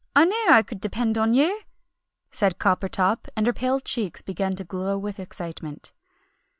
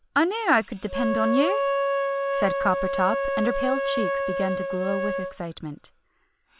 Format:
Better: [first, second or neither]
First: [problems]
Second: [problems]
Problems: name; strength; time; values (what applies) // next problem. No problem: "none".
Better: first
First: none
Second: background sound (Wind instrument, woodwind instrument); as loud as the speech